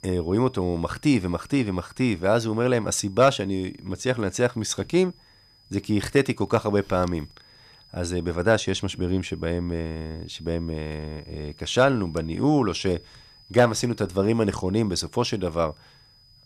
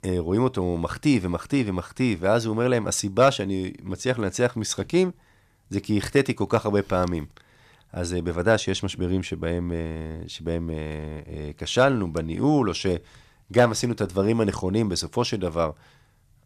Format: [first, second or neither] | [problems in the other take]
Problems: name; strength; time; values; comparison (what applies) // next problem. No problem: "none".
second | high-pitched whine; faint; throughout; 5 kHz, 30 dB below the speech